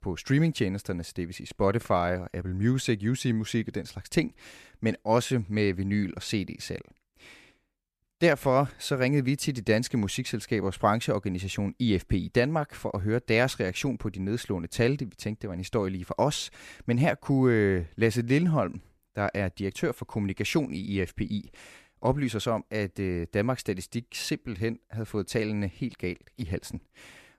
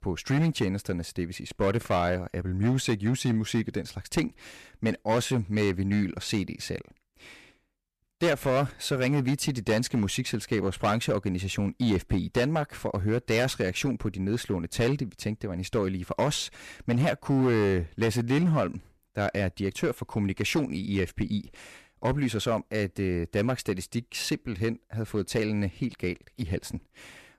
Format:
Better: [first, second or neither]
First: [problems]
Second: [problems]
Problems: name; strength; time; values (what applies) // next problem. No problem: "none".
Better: first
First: none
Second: distortion; slight; 6% of the sound clipped